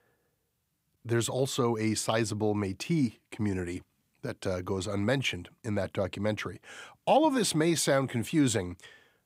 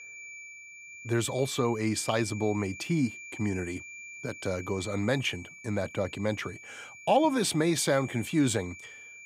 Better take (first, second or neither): first